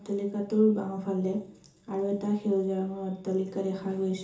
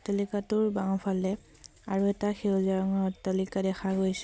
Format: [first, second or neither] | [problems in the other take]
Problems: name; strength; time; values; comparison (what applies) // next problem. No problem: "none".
second | room echo; dies away in 0.7 s